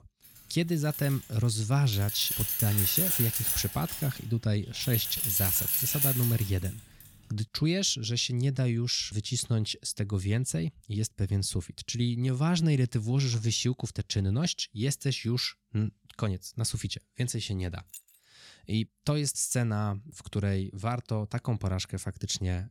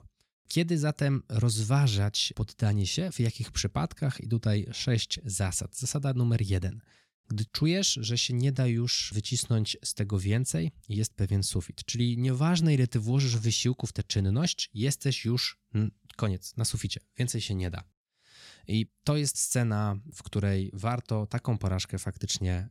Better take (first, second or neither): second